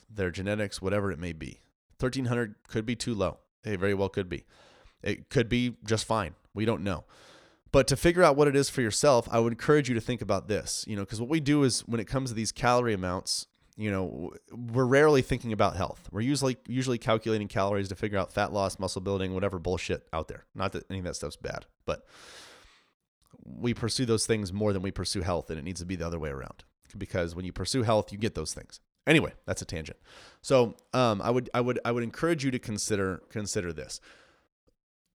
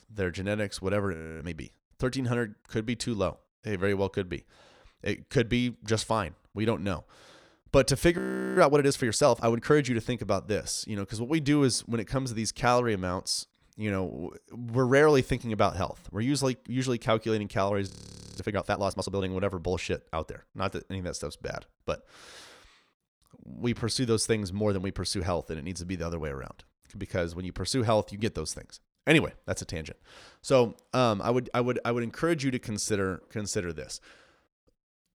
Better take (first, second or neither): first